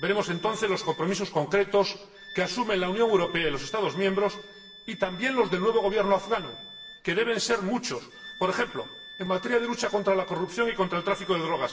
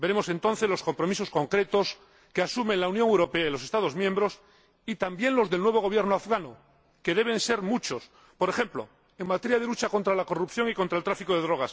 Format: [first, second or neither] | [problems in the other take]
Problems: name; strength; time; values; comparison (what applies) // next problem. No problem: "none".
second | background sound (Wind instrument, woodwind instrument); 19 dB below the speech // room echo; dies away in 1 s